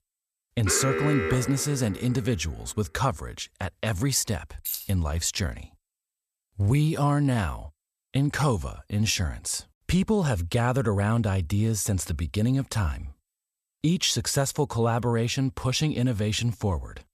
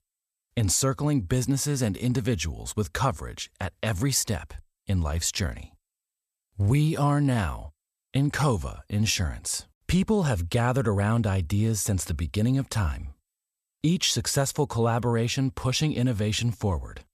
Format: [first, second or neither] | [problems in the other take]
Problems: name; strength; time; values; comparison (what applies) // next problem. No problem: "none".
second | alarm; noticeable; from 0.5 to 2 s; peak 1 dB below the speech // jangling keys; noticeable; at 4.5 s; peak 5 dB below the speech